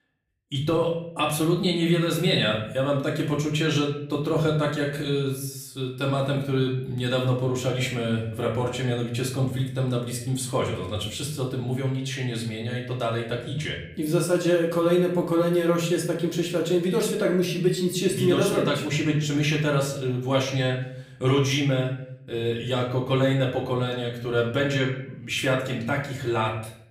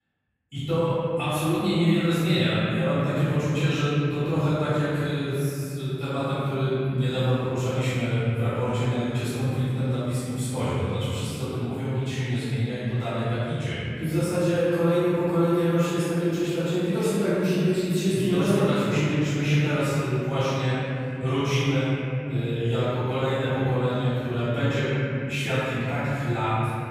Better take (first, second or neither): first